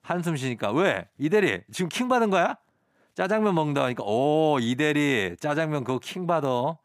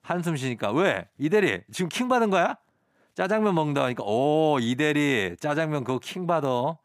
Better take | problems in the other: neither | none

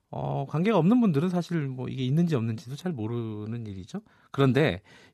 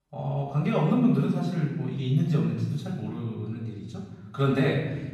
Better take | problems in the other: first | off-mic speech; far // room echo; noticeable; dies away in 1.2 s

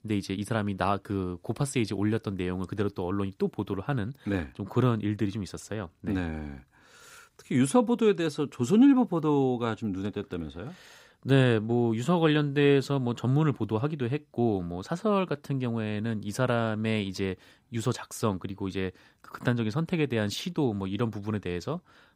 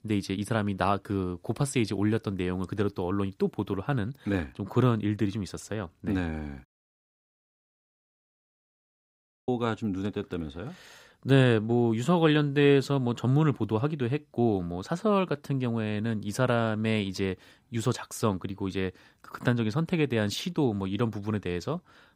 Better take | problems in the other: first | audio cutting out; at 6.5 s for 3 s

